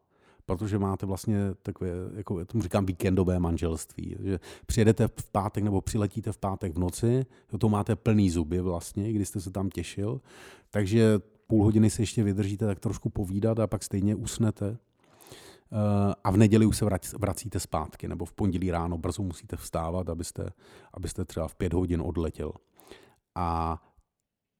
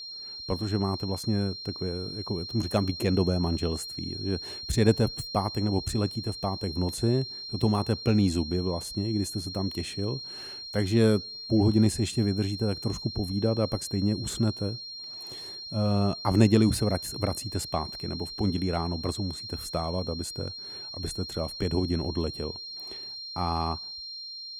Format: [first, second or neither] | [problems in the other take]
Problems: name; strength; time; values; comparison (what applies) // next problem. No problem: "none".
first | high-pitched whine; loud; throughout; 4 kHz, 8 dB below the speech